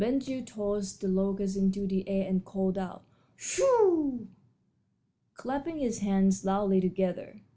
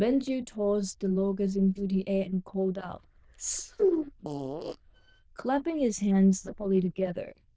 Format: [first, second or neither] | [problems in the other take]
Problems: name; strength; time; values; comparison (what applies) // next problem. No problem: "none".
first | noise reduction (neural diffusion model UNIVERSE++)